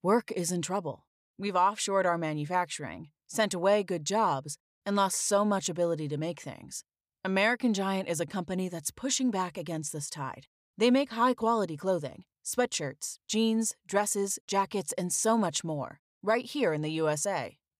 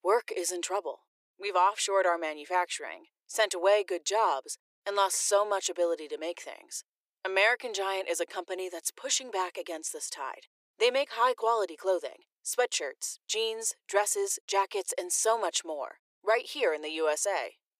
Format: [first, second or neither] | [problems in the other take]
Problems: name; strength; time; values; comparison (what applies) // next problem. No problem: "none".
first | thin; very; fading below 350 Hz